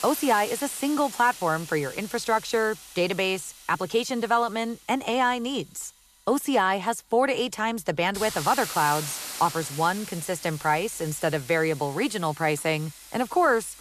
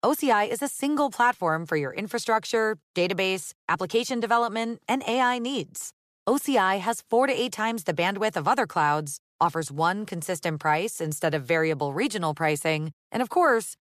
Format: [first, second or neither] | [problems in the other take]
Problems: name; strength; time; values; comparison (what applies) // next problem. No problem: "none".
second | hiss; noticeable; throughout; 10 dB below the speech